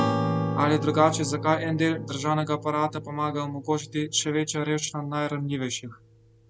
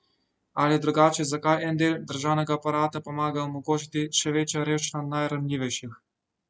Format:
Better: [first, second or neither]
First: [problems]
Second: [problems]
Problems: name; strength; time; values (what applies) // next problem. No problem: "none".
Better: second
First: background sound (Acoustic guitar / Strum); 6 dB below the speech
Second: none